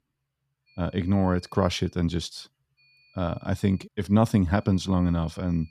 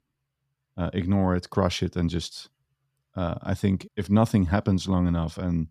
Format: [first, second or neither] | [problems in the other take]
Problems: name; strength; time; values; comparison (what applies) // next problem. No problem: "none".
second | high-pitched whine; faint; from 0.5 to 2 s, from 3 to 4 s and from 4.5 s on; 2.5 kHz, 35 dB below the speech